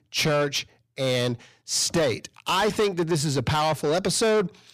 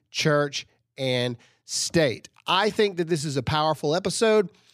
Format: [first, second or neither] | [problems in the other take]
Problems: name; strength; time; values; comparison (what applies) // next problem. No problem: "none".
second | distortion; heavy; 7 dB below the speech